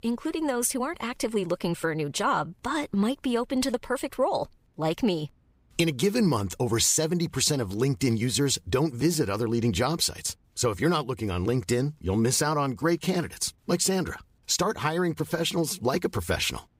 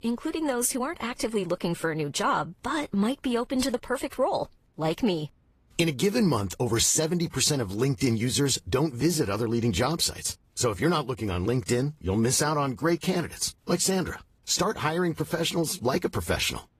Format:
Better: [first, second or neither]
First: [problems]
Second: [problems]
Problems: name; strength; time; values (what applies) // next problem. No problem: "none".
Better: first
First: none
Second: garbled, watery; slightly; nothing above 14.5 kHz